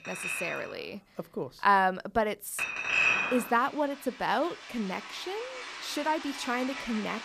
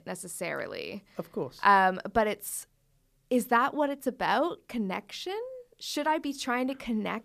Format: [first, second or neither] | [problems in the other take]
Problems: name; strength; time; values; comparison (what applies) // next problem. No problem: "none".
second | household noises; loud; throughout; 1 dB below the speech